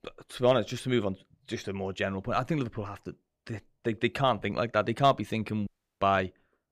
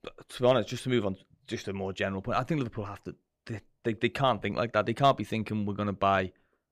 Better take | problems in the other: second | audio cutting out; at 5.5 s

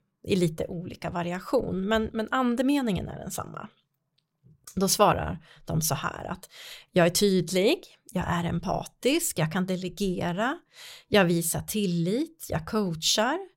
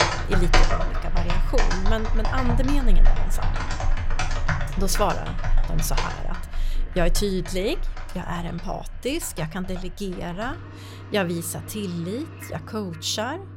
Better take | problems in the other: first | household noises; very loud; throughout; 1 dB above the speech

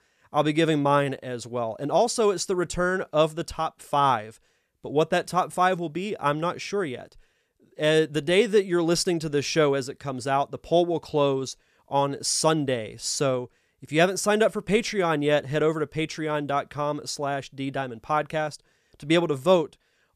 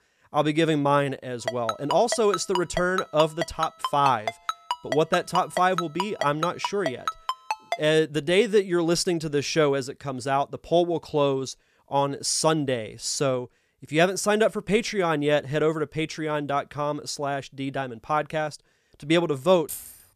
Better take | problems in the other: first | phone ringing; noticeable; from 1.5 to 8 s; peak 6 dB below the speech // jangling keys; faint; at 20 s; peak 10 dB below the speech

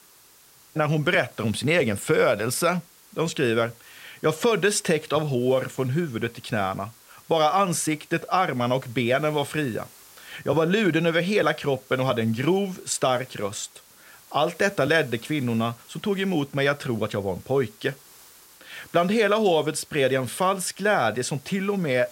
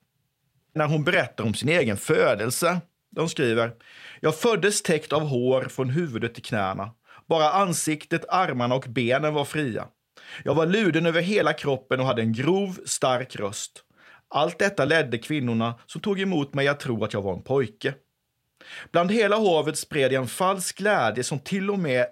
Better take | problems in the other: second | hiss; faint; throughout; 25 dB below the speech

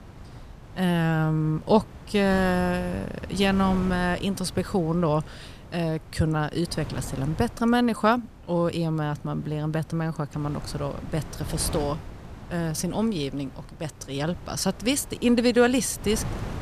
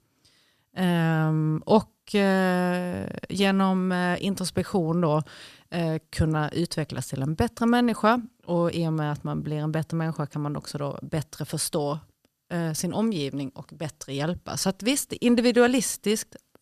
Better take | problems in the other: second | wind noise on the microphone; occasional gusts; 15 dB below the speech

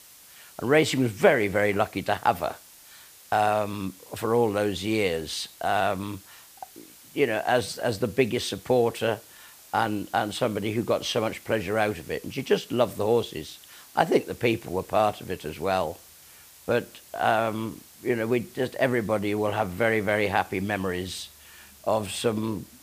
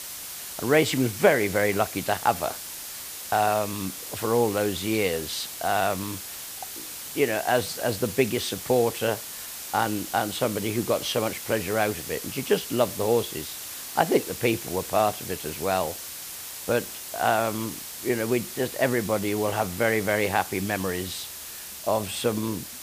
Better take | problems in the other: first | hiss; loud; throughout; 8 dB below the speech; faint in the first

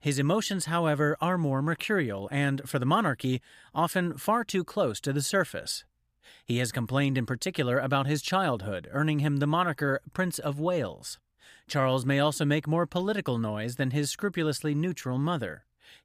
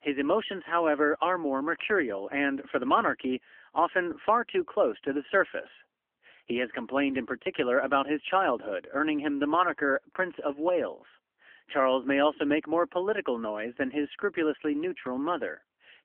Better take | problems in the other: first | phone-call audio; nothing above 3 kHz

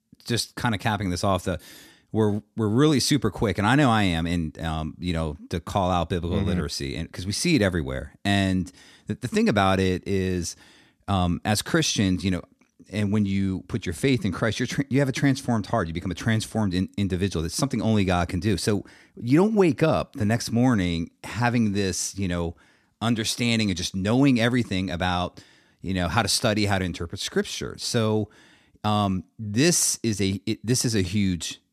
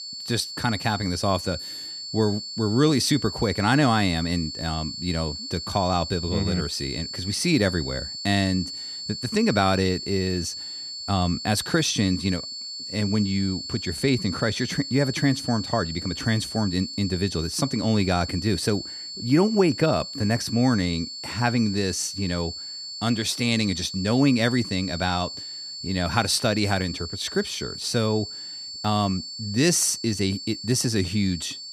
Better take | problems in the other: first | high-pitched whine; loud; throughout; 4.5 kHz, 8 dB below the speech

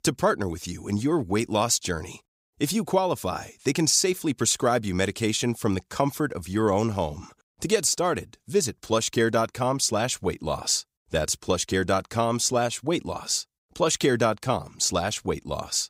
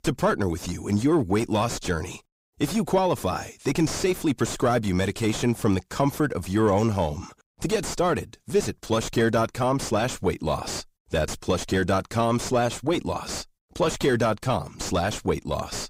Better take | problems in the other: first | distortion; heavy; 4 dB below the speech

